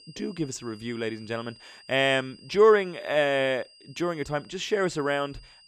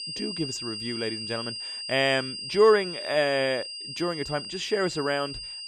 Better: first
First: high-pitched whine; faint; throughout; 5 kHz, 25 dB below the speech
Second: high-pitched whine; loud; throughout; 5 kHz, 7 dB below the speech

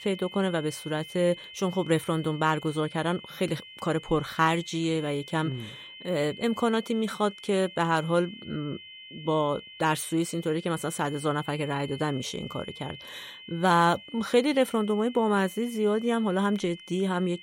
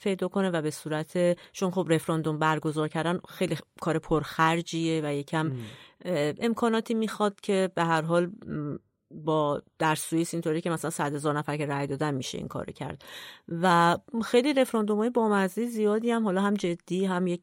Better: second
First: high-pitched whine; noticeable; throughout; 3 kHz, 15 dB below the speech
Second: none

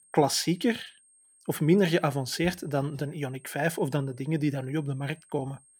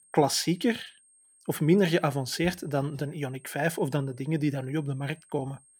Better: neither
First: high-pitched whine; faint; throughout; 8.5 kHz, 30 dB below the speech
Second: high-pitched whine; faint; throughout; 8.5 kHz, 30 dB below the speech

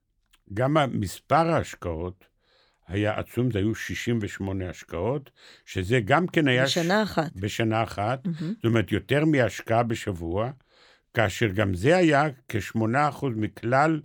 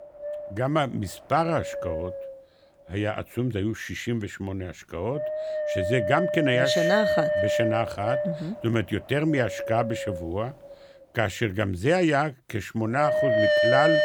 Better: first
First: none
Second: wind noise on the microphone; heavy; 2 dB above the speech

